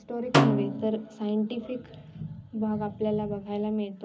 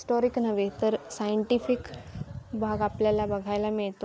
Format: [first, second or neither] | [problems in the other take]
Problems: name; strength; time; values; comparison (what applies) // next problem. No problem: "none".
second | background sound (Snare drum); 1 dB above the speech // room echo; dies away in 0.4 s